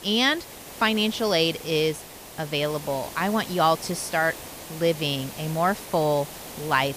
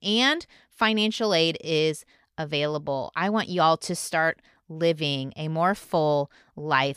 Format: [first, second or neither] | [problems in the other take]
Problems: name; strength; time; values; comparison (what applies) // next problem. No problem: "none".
second | hiss; noticeable; throughout; 15 dB below the speech